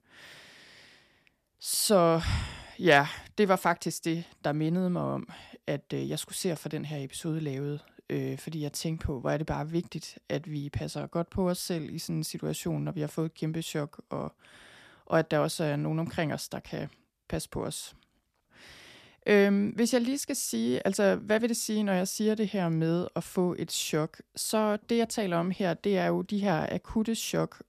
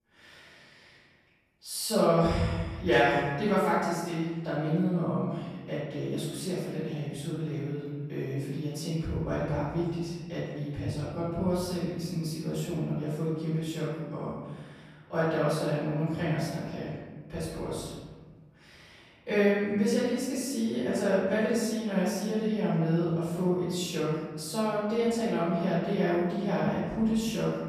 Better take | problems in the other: first | off-mic speech; far // room echo; strong; dies away in 1.4 s

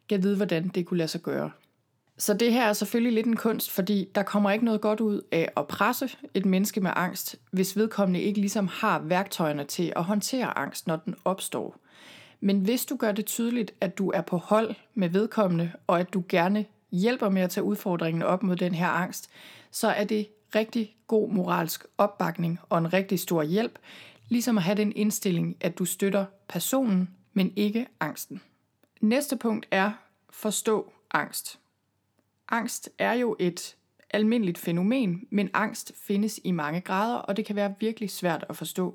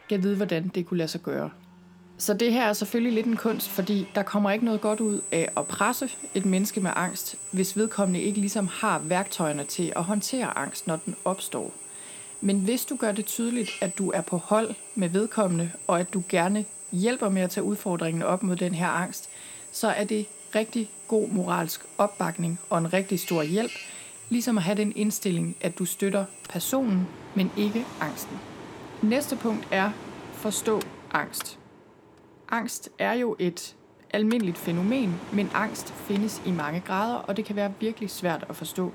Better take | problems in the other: first | machinery noise; noticeable; throughout; 10 dB below the speech

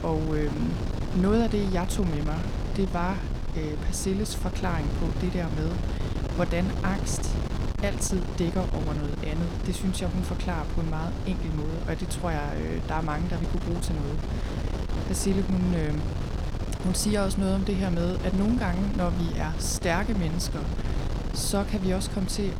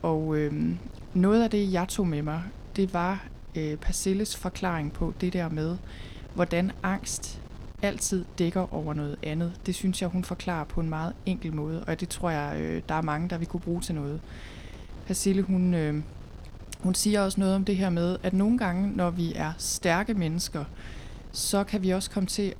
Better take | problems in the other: second | wind noise on the microphone; heavy; 6 dB below the speech; occasional gusts in the second

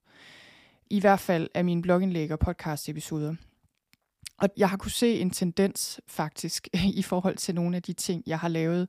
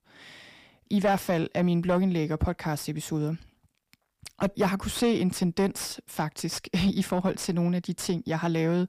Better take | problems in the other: first | distortion; slight; 10 dB below the speech

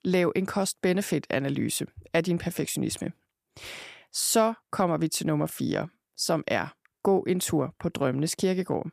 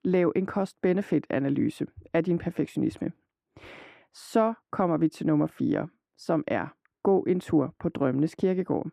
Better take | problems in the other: first | muffled; very; fading above 3.5 kHz

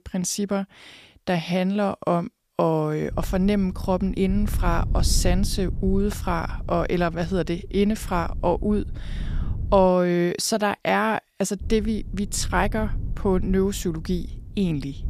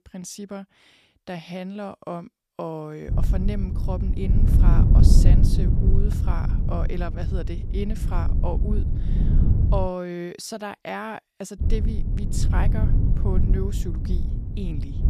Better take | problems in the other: first | low rumble; loud; from 3 to 10 s and from 12 s on; 3 dB below the speech; faint in the first

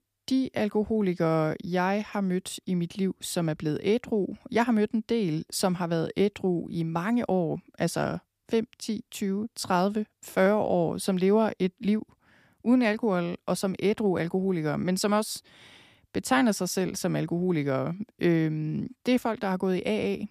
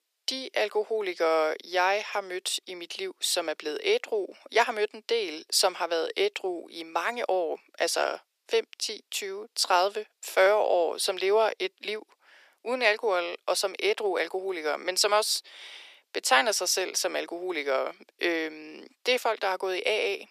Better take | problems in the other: first | thin; very; fading below 400 Hz

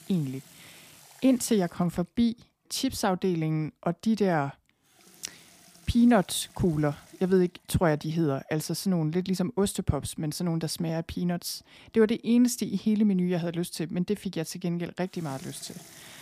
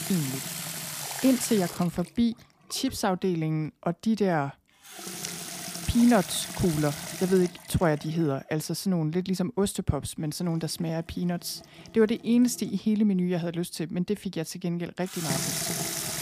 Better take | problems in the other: first | household noises; loud; throughout; 6 dB below the speech; faint in the first

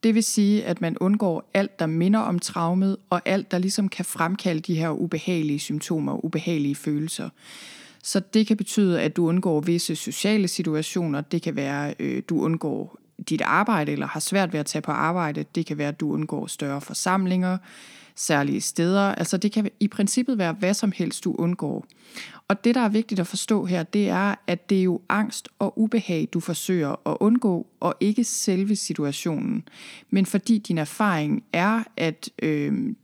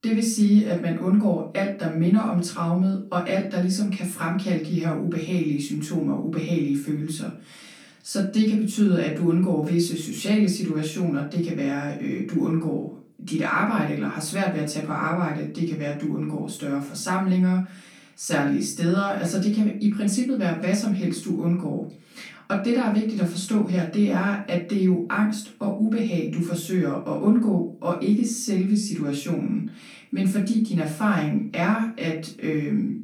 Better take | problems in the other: first | off-mic speech; far // room echo; slight; dies away in 0.3 s

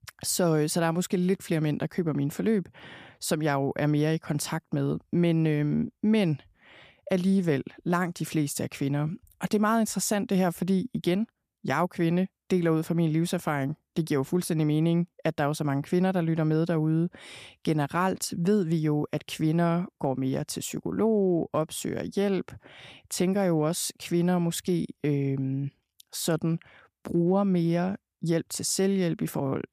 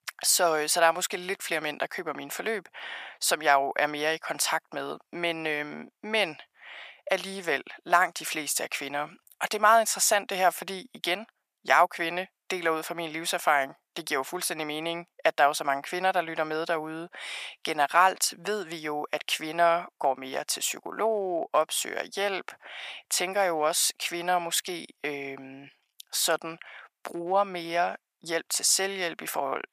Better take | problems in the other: first | thin; very; fading below 850 Hz

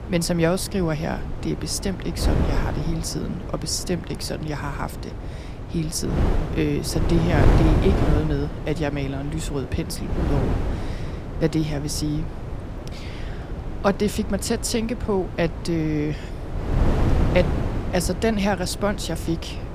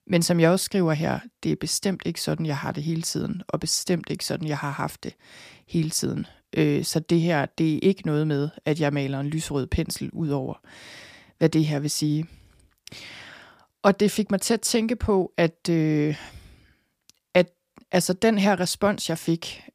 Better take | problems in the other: second | wind noise on the microphone; heavy; 6 dB below the speech

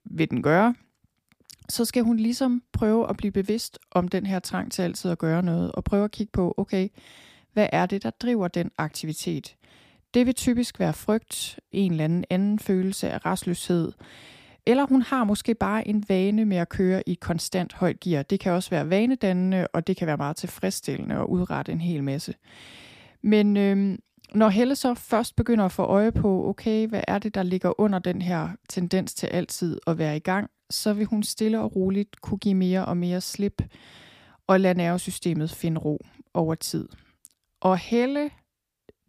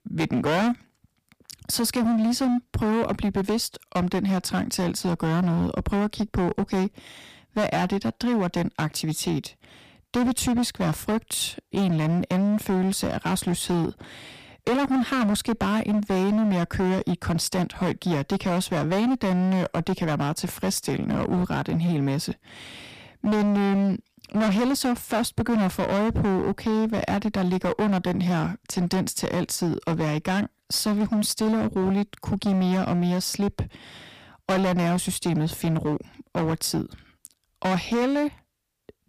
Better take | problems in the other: first | distortion; heavy; 20% of the sound clipped

